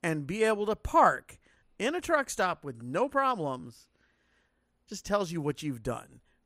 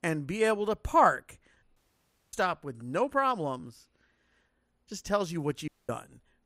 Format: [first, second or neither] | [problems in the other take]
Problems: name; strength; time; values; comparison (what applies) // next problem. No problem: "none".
first | audio cutting out; at 2 s for 0.5 s and at 5.5 s